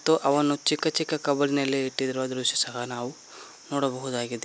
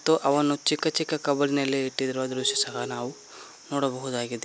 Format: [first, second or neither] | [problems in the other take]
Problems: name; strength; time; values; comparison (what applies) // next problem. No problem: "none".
first | background sound (Glass); 15 dB below the speech